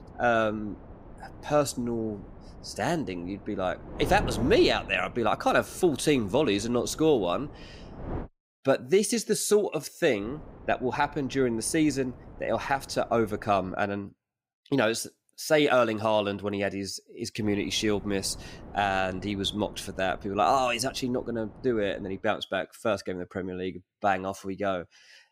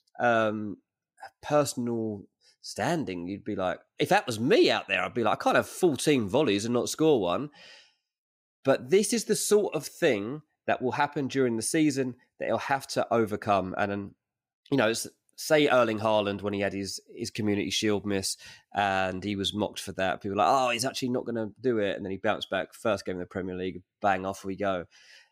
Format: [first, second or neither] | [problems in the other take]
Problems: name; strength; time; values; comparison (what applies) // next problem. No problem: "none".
second | wind noise on the microphone; occasional gusts; until 8 s, from 10 to 14 s and from 17 to 22 s; 20 dB below the speech